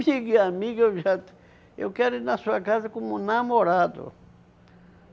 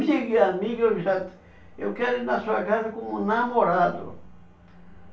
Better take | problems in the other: first | room echo; dies away in 0.3 s

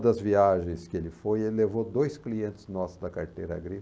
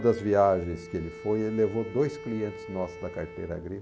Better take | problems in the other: first | background sound (Bowed string instrument); 15 dB below the speech

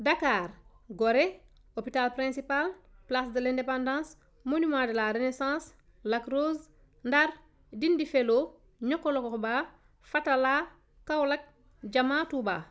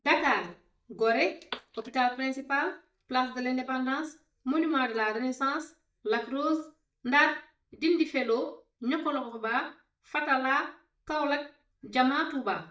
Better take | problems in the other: first | noise reduction (neural mask model DeepFilterNet 3)

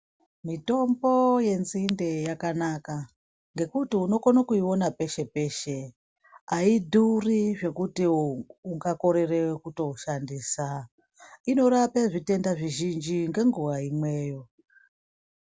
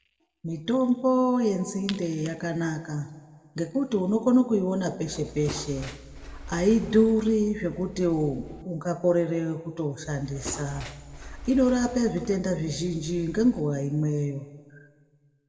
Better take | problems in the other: first | background sound (Bird); 15 dB below the speech // room echo; dies away in 1.2 s

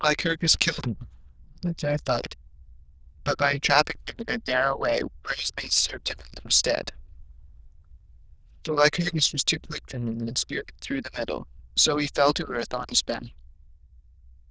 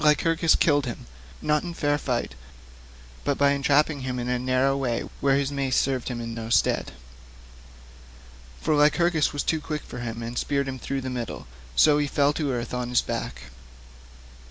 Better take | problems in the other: second | noise reduction (neural diffusion model UNIVERSE++)

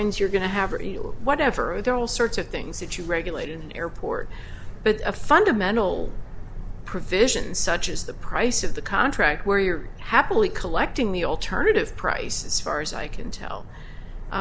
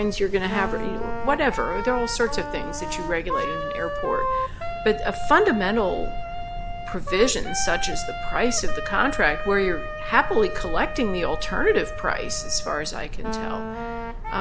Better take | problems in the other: first | background sound (Wind instrument, woodwind instrument); 8 dB below the speech

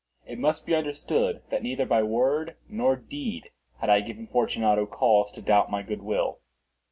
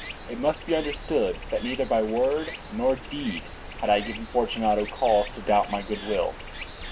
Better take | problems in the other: first | background sound (Stream); 12 dB below the speech

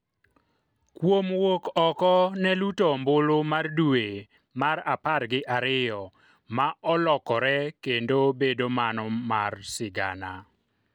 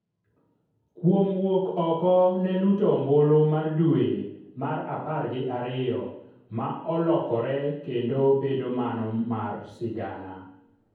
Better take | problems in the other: first | room echo; dies away in 0.9 s

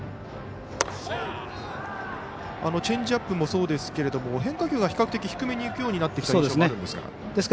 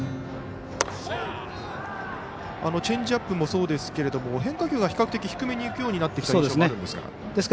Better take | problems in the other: first | background sound (Acoustic guitar / Strum); 18 dB below the speech

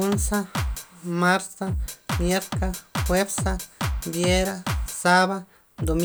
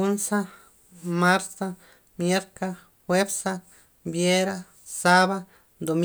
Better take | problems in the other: second | background sound (Drum kit); 4 dB below the speech

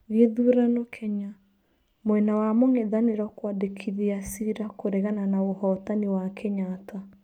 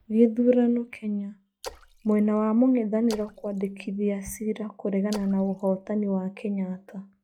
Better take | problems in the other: first | noise reduction (classical method log-MMSE)

